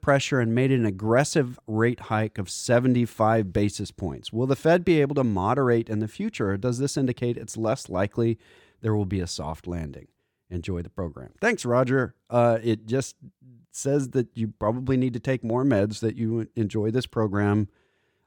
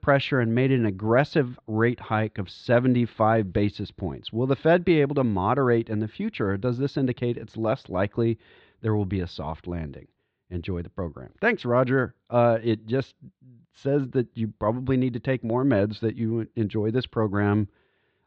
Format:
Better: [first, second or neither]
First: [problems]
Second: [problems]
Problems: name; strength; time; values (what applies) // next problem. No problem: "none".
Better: first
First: none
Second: muffled; slightly; fading above 4 kHz